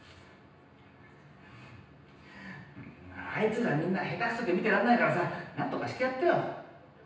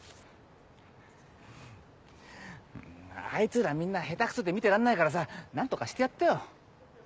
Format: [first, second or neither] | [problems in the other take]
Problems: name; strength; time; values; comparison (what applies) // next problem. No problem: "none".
second | room echo; dies away in 0.9 s